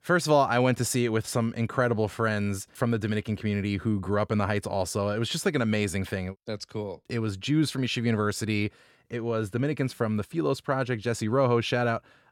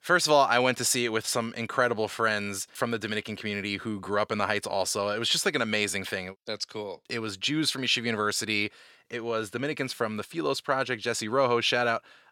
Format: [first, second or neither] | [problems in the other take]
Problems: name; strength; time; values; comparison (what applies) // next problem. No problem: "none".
first | thin; somewhat; fading below 600 Hz